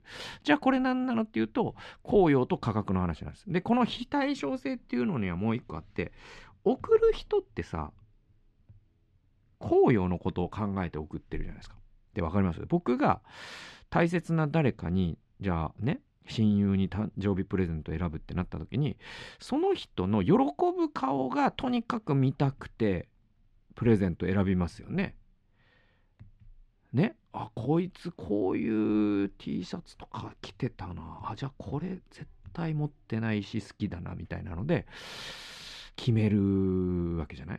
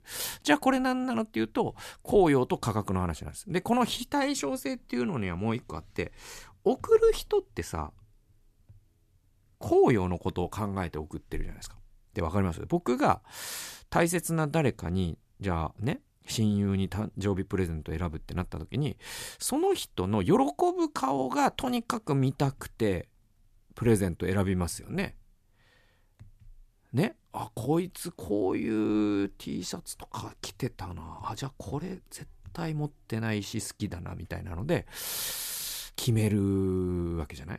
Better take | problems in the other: second | muffled; slightly; fading above 3 kHz

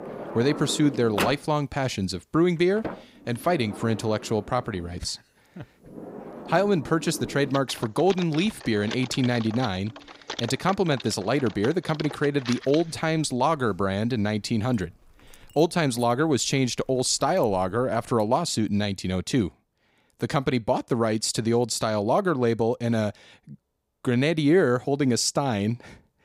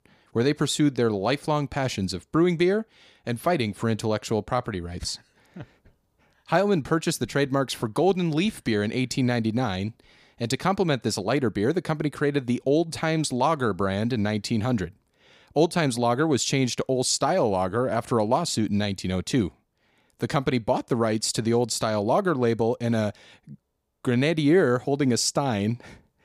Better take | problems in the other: second | household noises; noticeable; until 18 s; 15 dB below the speech

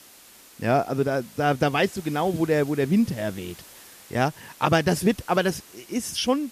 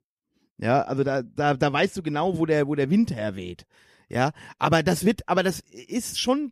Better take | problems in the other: second | hiss; faint; throughout; 20 dB below the speech

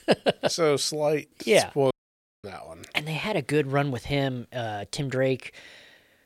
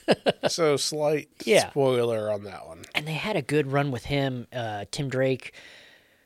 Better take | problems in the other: second | audio cutting out; at 2 s for 0.5 s

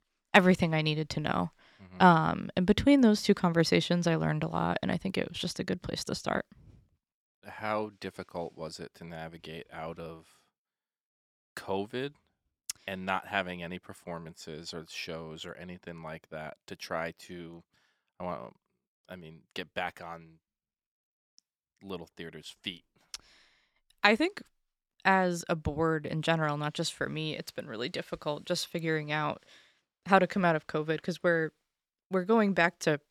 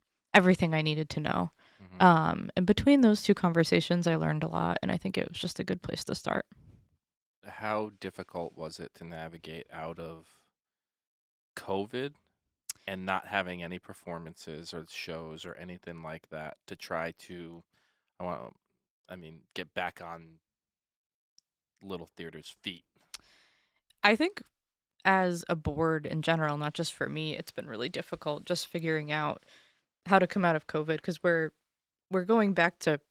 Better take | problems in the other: first | garbled, watery; slightly; nothing above 15.5 kHz

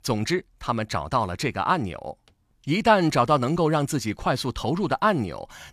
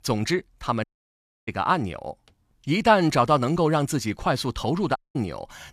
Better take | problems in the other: first | audio cutting out; at 1 s for 0.5 s and at 5 s

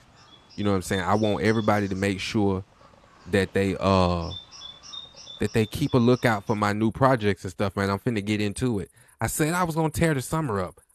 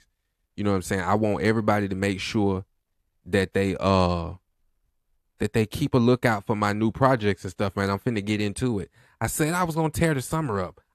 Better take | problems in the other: second | animal sounds; noticeable; throughout; 20 dB below the speech

